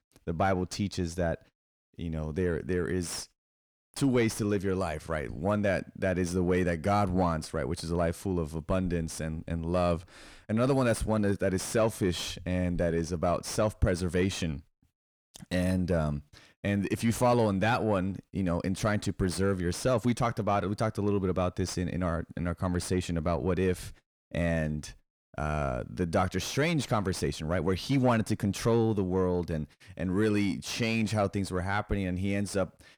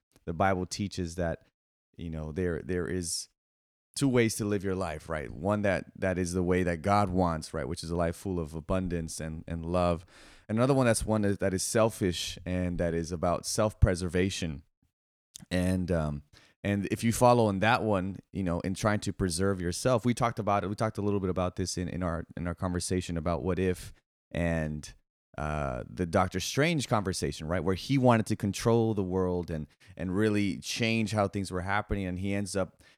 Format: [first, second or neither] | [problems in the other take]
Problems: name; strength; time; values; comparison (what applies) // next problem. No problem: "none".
second | distortion; slight; 10 dB below the speech